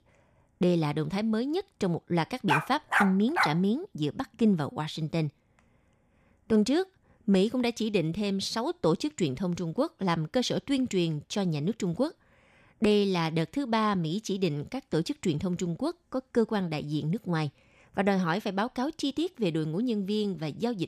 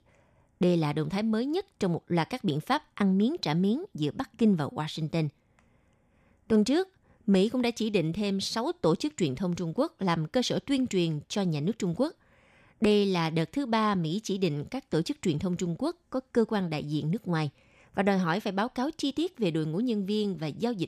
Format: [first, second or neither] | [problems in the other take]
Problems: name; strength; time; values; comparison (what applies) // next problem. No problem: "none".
second | dog barking; loud; from 2.5 to 3.5 s; peak 2 dB above the speech